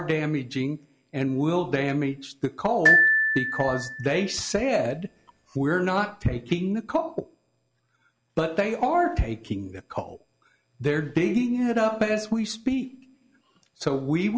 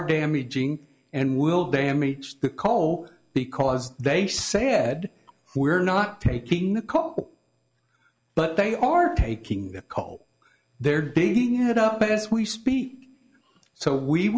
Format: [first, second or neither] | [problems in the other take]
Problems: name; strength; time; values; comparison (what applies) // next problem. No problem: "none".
second | background sound (Glockenspiel); 1 dB above the speech